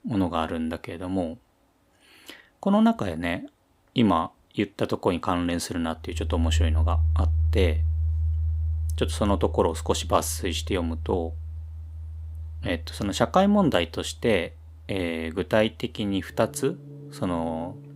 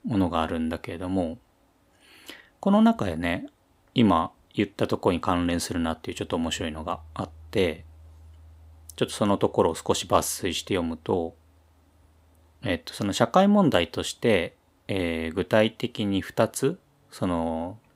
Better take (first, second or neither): second